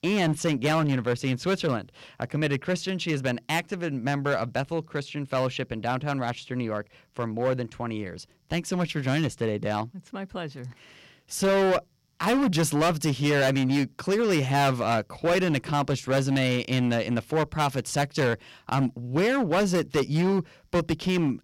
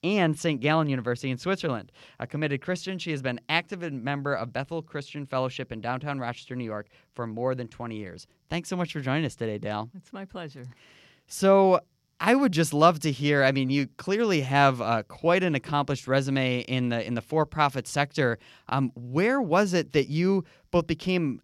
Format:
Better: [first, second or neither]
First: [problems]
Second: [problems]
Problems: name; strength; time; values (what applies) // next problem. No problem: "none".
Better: second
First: distortion; heavy; 11% of the sound clipped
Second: none